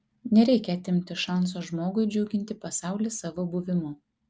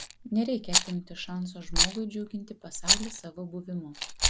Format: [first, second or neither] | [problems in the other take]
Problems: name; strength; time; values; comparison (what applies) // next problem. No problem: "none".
first | background sound (Rattle); 4 dB above the speech